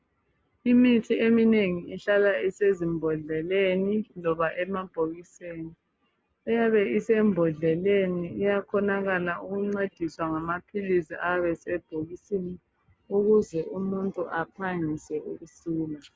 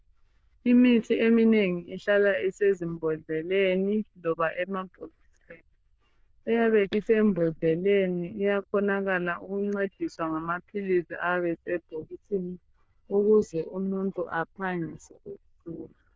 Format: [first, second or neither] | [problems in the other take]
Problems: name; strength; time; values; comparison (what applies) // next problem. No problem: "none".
first | noise reduction (neural diffusion model UNIVERSE++)